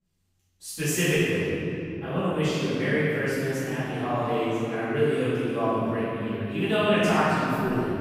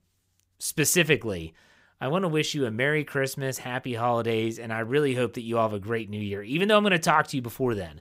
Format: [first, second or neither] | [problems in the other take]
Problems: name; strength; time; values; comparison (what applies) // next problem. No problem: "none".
second | off-mic speech; far // room echo; strong; dies away in 3 s